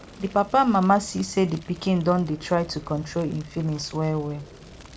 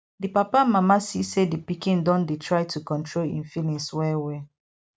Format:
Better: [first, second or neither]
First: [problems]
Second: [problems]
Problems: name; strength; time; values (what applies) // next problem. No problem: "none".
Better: second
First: background sound (Fire); 20 dB below the speech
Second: none